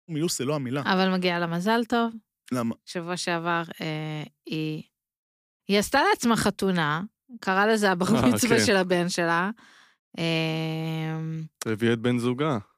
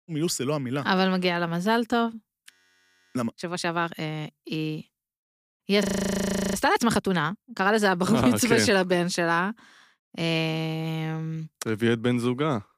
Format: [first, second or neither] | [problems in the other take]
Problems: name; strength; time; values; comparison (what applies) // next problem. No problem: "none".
first | audio freezing; at 2.5 s for 0.5 s and at 6 s for 0.5 s